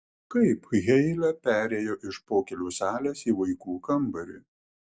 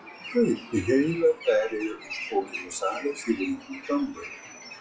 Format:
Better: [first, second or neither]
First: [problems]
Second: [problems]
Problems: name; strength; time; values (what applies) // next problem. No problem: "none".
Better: first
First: none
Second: noise reduction (classical method WPE with log-MMSE)